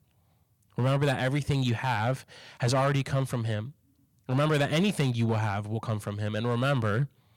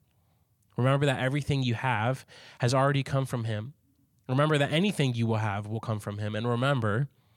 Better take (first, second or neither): second